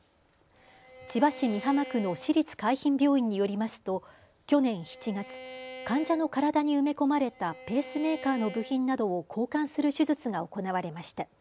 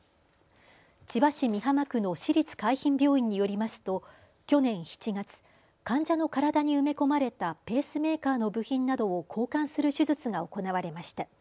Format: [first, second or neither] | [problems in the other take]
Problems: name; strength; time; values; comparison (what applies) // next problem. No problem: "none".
second | background sound (Bowed string instrument); 16 dB below the speech